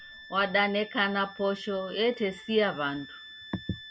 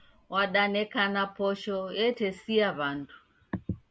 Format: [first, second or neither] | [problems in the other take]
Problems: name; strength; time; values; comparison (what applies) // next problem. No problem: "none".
second | background sound (Wind instrument, woodwind instrument); 18 dB below the speech